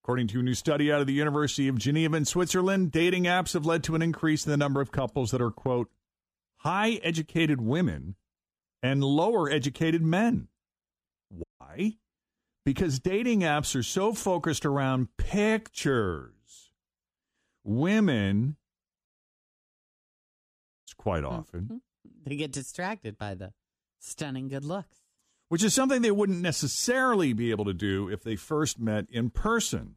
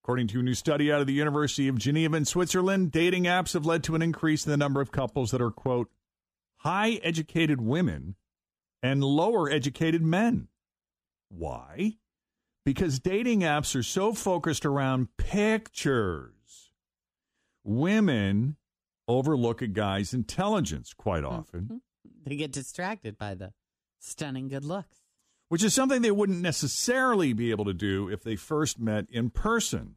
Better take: second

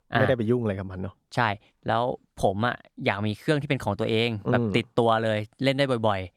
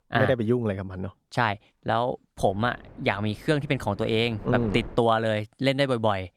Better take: first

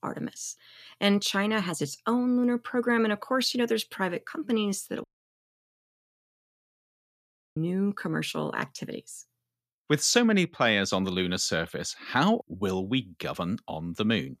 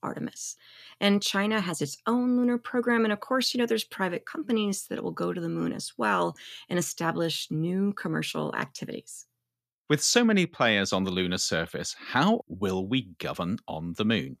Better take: second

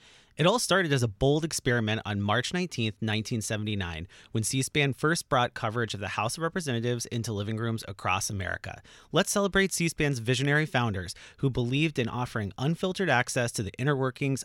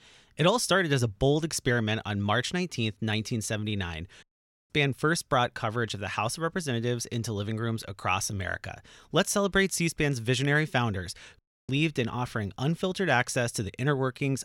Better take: first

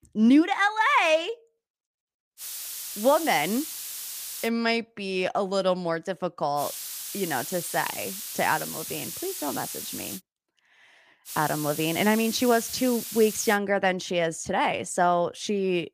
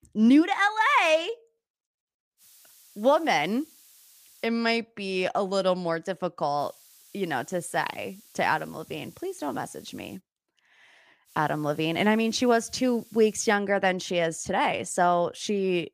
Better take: second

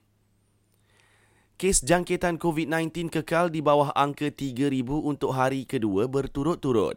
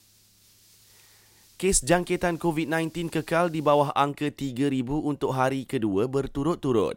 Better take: first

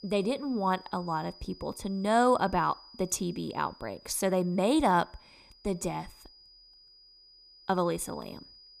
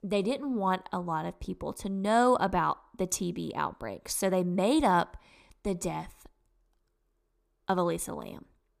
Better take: second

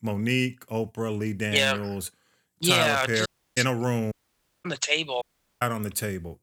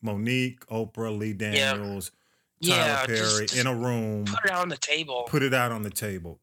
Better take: second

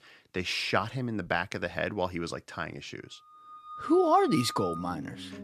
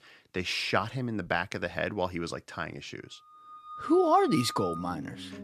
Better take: neither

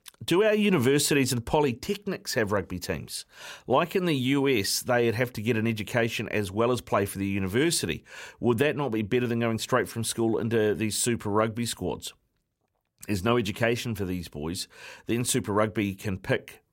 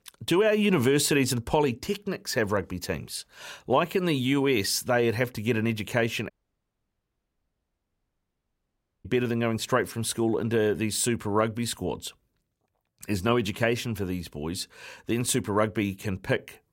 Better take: first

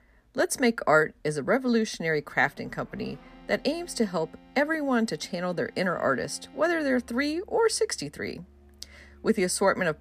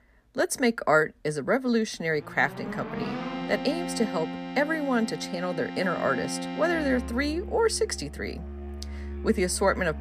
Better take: first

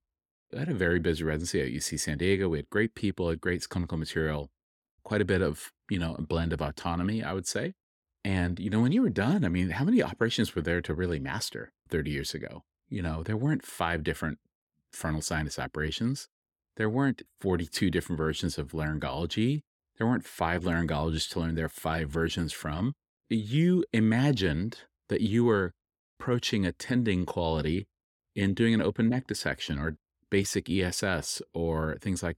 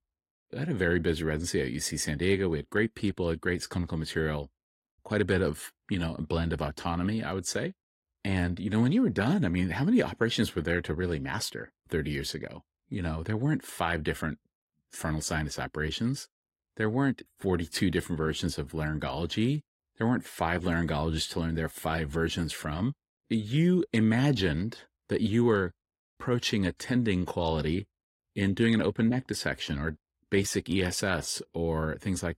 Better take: first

